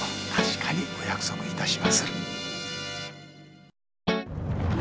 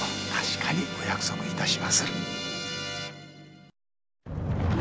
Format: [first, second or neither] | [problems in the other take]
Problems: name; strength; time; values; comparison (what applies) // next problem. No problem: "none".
second | background sound (Guitar); as loud as the speech